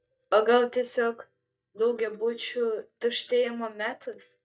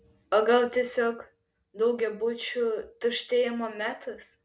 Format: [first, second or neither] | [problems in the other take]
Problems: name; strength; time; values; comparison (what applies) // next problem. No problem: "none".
second | noise reduction (neural mask model DeepFilterNet 3)